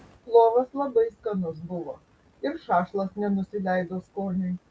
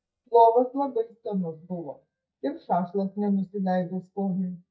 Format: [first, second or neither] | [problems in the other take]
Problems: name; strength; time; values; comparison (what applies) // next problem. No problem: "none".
first | noise reduction (neural mask model DeepFilterNet 3)